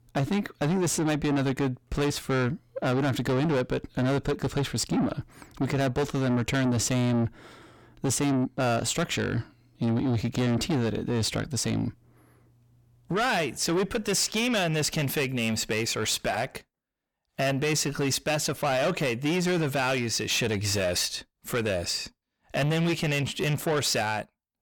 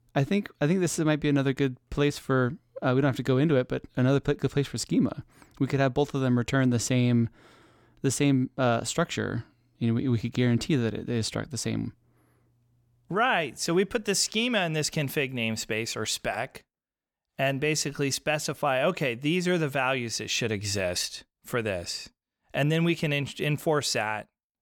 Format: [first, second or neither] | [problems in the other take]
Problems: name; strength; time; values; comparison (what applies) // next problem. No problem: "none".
second | distortion; heavy; 7 dB below the speech